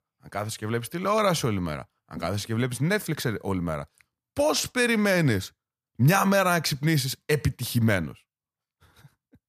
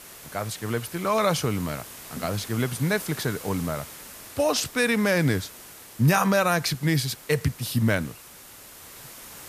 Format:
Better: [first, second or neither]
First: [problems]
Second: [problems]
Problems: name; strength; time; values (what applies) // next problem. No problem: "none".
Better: first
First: none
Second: hiss; noticeable; throughout; 15 dB below the speech